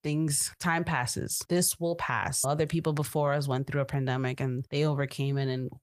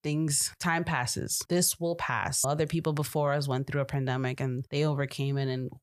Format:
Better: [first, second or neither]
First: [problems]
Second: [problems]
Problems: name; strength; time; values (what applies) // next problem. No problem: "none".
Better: second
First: garbled, watery; slightly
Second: none